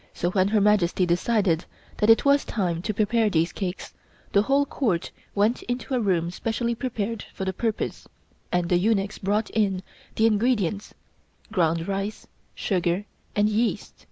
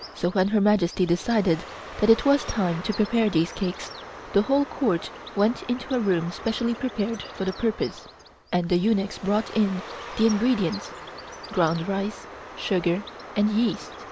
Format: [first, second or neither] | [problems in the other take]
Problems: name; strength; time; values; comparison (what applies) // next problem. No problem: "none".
first | background sound (Bird); 15 dB below the speech